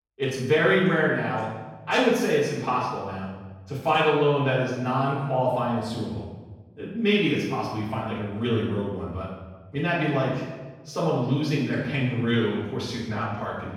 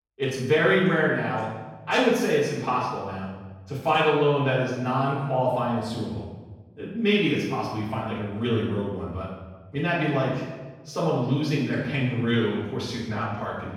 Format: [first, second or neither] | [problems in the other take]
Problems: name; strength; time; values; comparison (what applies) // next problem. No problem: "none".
neither | off-mic speech; far; the same in both // room echo; noticeable; dies away in 1.1 s; the same in both